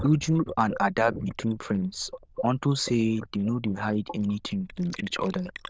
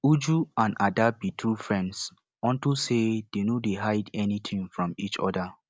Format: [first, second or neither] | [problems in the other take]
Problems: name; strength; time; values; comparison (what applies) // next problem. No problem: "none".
second | noise reduction (neural diffusion model UNIVERSE++)